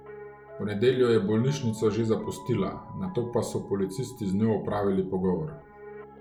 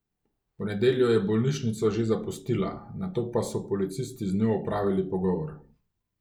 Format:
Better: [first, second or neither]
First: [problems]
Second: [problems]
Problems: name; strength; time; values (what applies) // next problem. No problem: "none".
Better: second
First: background sound (Piano); 19 dB below the speech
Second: none